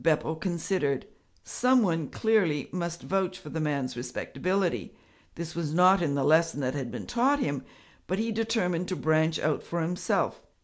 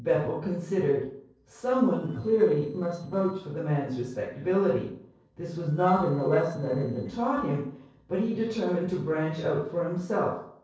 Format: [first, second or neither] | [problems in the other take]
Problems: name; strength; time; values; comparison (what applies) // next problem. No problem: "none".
first | noise reduction (neural separator model SepFormer DNS4)